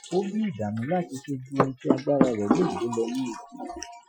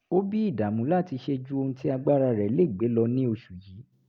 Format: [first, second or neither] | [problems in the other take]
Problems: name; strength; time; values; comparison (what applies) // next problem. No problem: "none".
second | noise reduction (classical method Wiener filter)